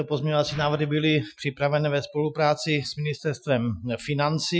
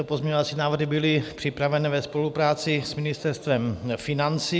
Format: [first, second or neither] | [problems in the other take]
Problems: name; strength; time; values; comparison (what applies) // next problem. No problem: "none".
second | noise reduction (classical method Wiener filter)